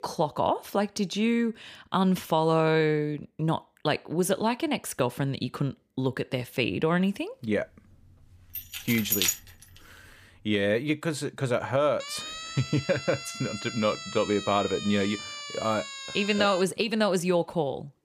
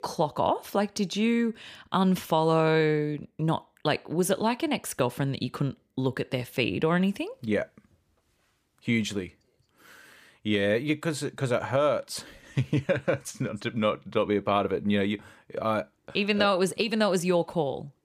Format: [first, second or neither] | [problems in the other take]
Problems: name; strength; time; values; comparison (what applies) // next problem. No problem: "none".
second | jangling keys; loud; at 8.5 s; peak 3 dB above the speech // siren; noticeable; from 12 to 17 s; peak 8 dB below the speech